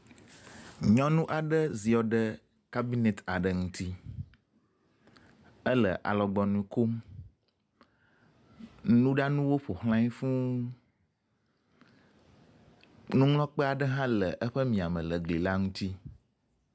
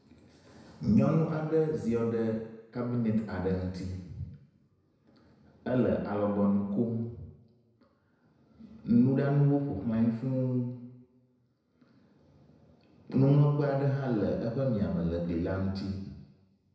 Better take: first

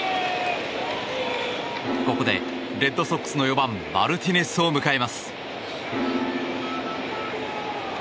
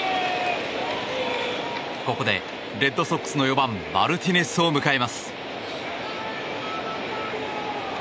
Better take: second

